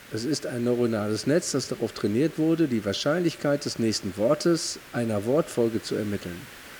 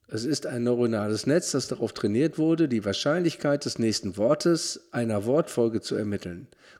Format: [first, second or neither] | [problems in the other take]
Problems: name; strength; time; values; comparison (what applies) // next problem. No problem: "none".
second | hiss; noticeable; throughout; 20 dB below the speech